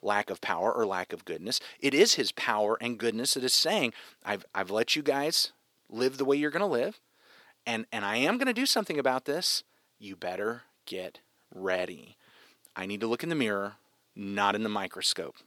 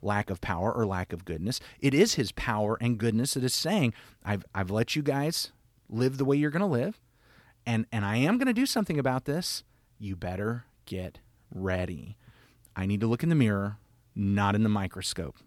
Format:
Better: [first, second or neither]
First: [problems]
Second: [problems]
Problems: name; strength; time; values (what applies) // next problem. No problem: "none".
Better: second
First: thin; somewhat; fading below 400 Hz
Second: none